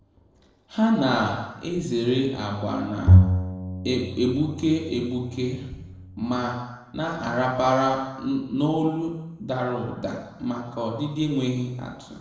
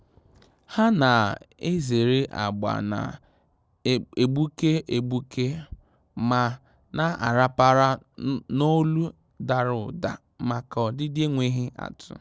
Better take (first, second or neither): second